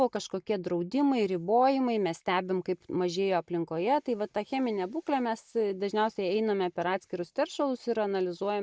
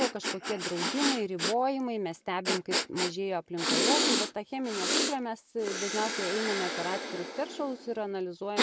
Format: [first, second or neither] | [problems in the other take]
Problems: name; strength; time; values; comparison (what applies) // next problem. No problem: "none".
first | background sound (Breathing); as loud as the speech